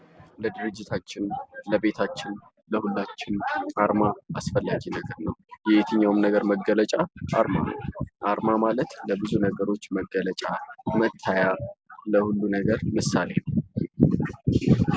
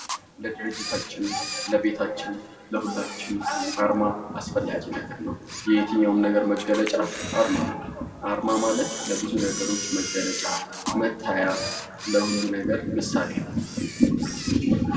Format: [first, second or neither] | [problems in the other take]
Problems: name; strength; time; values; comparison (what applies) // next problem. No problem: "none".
first | background sound (Camera); 11 dB below the speech // room echo; dies away in 1.7 s